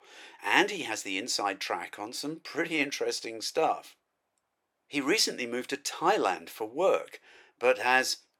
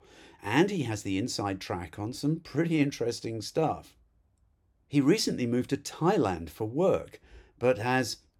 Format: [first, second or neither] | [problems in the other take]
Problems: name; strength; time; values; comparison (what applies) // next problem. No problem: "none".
second | thin; somewhat; fading below 550 Hz